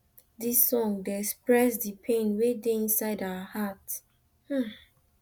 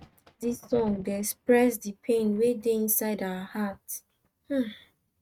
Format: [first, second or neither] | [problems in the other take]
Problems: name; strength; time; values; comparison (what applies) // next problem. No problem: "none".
first | noise reduction (neural mask model RNNoise)